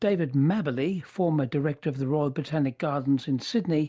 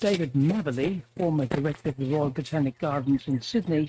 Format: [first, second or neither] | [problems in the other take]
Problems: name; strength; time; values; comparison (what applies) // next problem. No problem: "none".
first | noise reduction (neural mask model RNNoise)